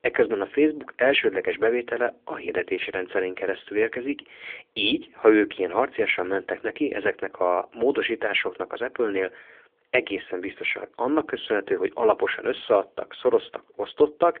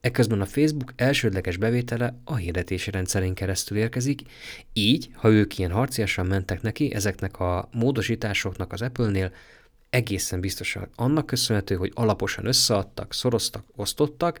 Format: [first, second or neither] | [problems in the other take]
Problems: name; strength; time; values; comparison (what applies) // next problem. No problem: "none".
second | phone-call audio; nothing above 3.5 kHz